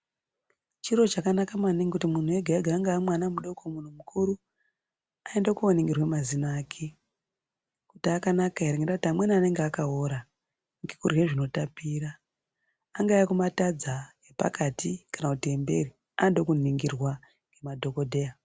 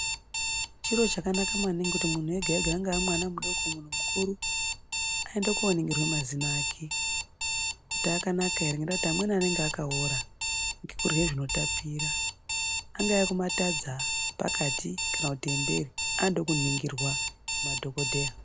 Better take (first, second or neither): first